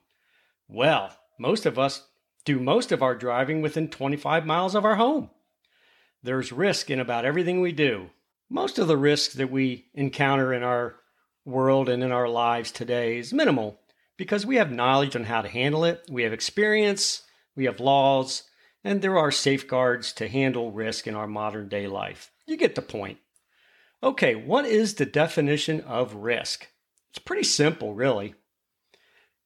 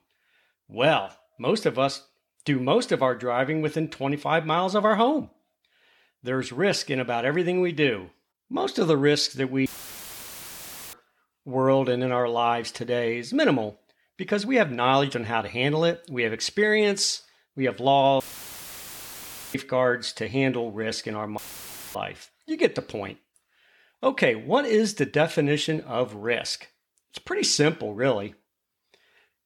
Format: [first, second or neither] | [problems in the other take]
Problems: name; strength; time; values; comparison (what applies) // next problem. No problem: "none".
first | audio cutting out; filled with static; at 9.5 s for 1.5 s, at 18 s for 1.5 s and at 21 s for 0.5 s